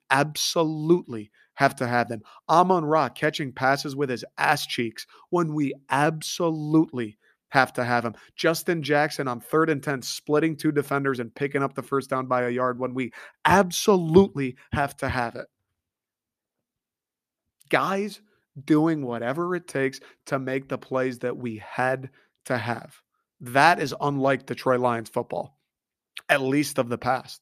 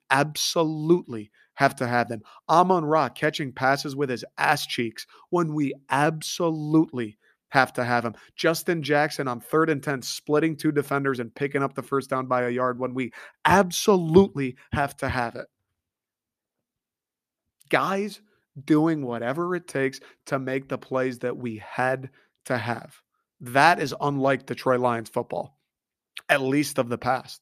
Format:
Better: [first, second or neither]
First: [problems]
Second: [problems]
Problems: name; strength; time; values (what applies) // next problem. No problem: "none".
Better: neither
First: none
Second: none